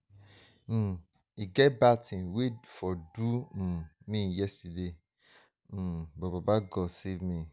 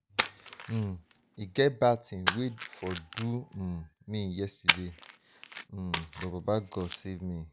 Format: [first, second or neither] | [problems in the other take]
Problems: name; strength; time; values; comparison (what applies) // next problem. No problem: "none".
first | background sound (Splash, splatter); 4 dB below the speech